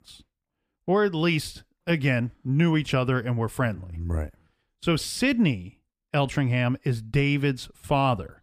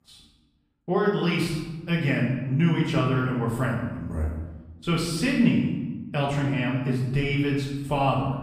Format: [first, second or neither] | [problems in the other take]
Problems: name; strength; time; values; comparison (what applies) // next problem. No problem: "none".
first | room echo; noticeable; dies away in 1 s // off-mic speech; far